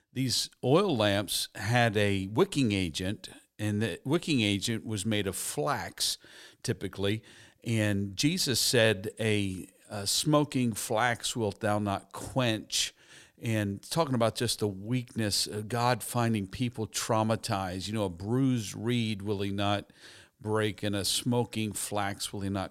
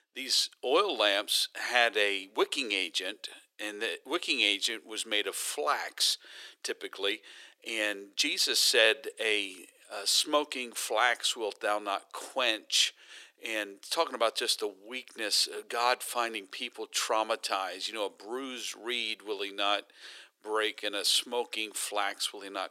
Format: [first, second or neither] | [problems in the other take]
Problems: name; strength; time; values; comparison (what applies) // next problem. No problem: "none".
first | thin; very; fading below 350 Hz